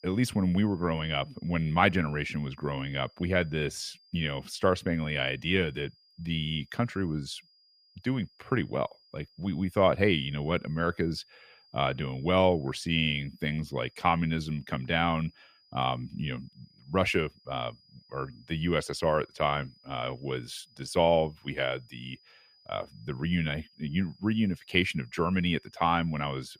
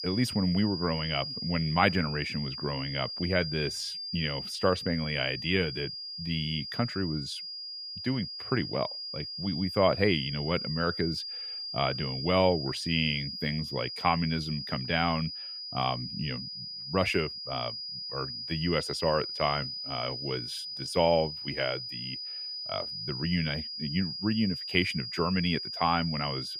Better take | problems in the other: first | high-pitched whine; loud; throughout; 5 kHz, 5 dB below the speech; faint in the first

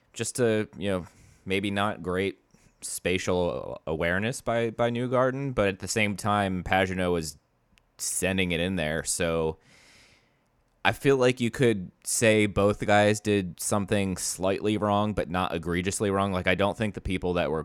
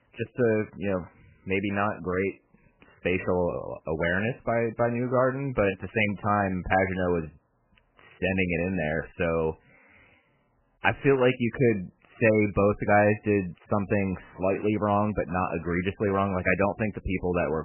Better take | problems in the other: first | garbled, watery; badly; nothing above 3 kHz

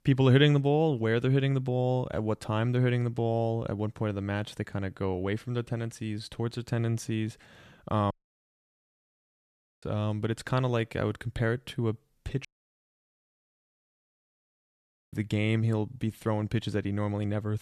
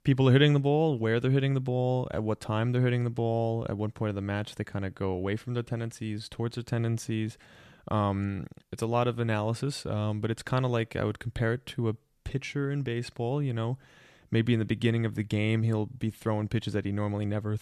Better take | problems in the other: second | audio cutting out; at 8 s for 1.5 s and at 12 s for 2.5 s

